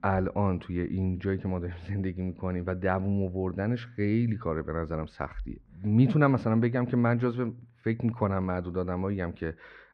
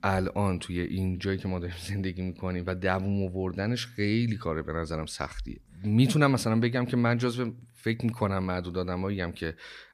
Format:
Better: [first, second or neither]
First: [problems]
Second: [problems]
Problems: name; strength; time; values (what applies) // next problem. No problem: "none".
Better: second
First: muffled; very; fading above 1.5 kHz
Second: none